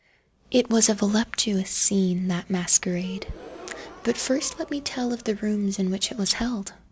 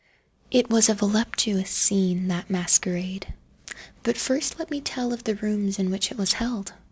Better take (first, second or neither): second